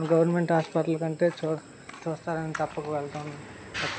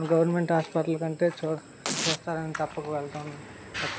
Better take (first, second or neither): first